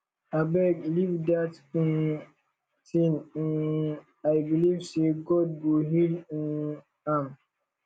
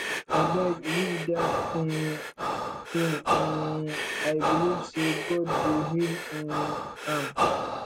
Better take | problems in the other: first | background sound (Breathing); 1 dB above the speech

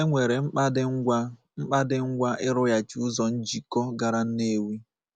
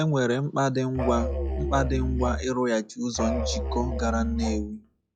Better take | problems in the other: first | noise reduction (classical method log-MMSE)

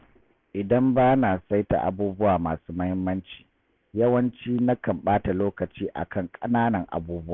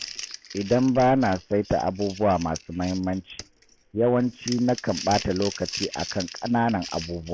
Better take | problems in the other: first | background sound (Crumpling, crinkling); 14 dB below the speech

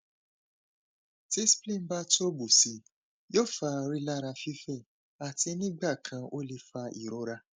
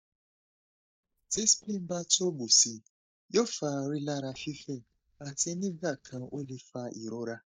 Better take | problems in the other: first | noise reduction (neural mask model DeepFilterNet 3)

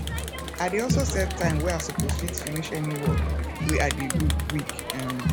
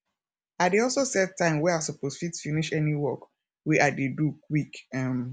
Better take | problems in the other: second | background sound (Crowd); 3 dB above the speech

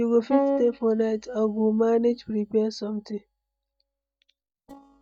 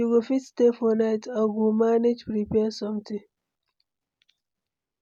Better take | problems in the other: second | noise reduction (neural mask model DeepFilterNet 3)

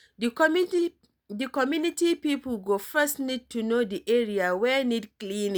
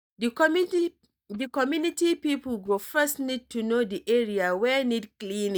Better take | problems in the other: first | noise reduction (neural mask model DeepFilterNet 3)

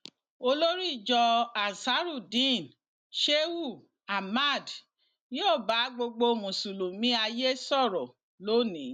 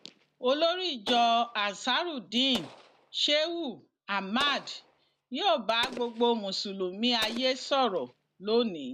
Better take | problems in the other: first | background sound (Explosion); 18 dB below the speech

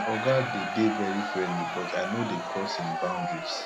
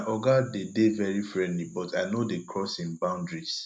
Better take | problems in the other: second | background sound (Crowd); 2 dB below the speech

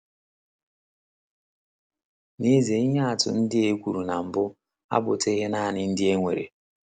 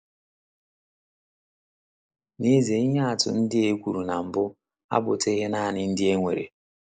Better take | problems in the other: first | noise reduction (neural mask model Resemble Enhance denoiser)

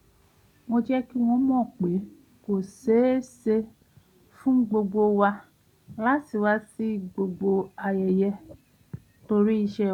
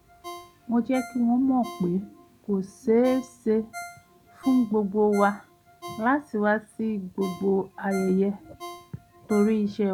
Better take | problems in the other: first | background sound (Ringtone); 18 dB below the speech

